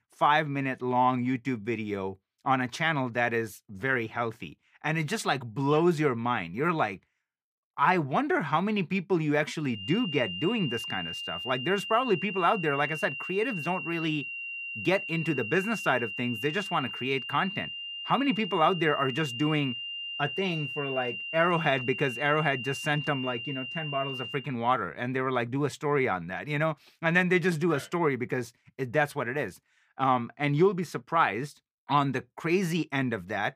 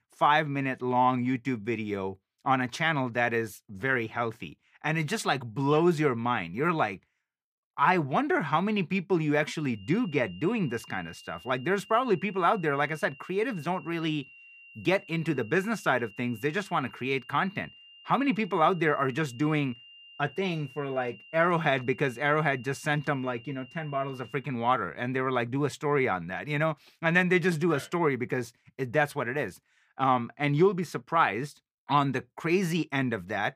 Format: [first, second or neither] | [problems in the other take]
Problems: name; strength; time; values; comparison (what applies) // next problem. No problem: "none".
second | high-pitched whine; loud; from 10 to 24 s; 3 kHz, 6 dB below the speech; faint in the second